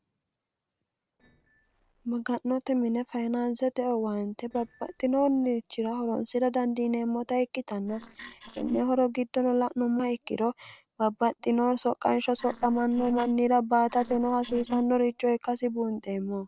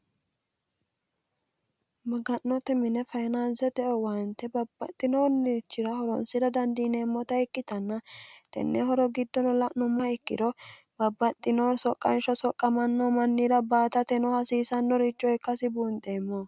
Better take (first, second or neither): second